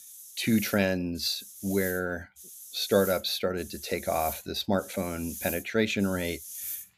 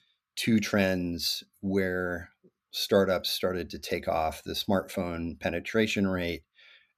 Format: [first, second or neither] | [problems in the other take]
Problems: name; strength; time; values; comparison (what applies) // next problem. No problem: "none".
second | hiss; noticeable; throughout; 10 dB below the speech